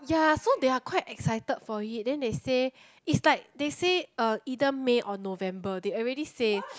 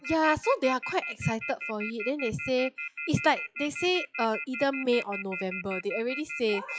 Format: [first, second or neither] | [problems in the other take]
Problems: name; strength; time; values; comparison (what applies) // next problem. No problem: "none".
first | noise reduction (classical method log-MMSE)